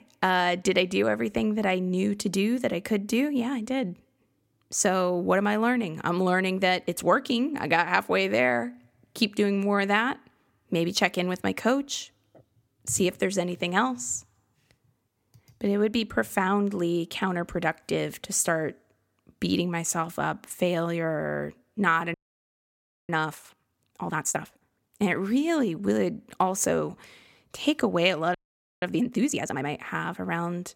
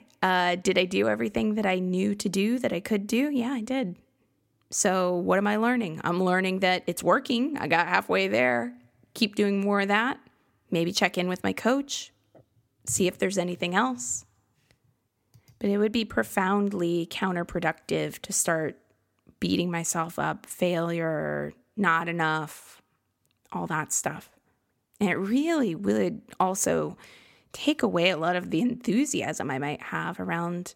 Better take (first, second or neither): second